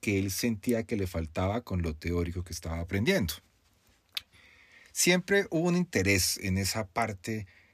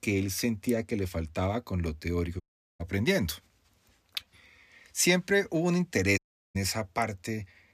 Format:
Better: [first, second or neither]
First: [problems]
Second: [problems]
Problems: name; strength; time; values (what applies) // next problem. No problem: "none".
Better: first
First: none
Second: audio cutting out; at 2.5 s and at 6 s